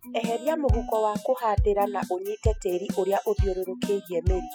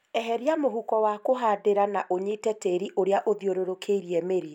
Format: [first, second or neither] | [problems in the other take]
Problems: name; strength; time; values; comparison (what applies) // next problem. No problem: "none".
second | noise reduction (classical method spectral subtraction)